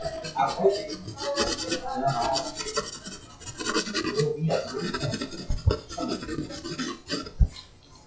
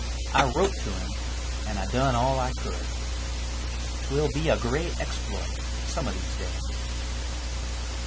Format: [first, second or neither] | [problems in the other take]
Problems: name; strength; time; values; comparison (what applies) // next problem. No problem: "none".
second | noise reduction (classical method WPE with log-MMSE)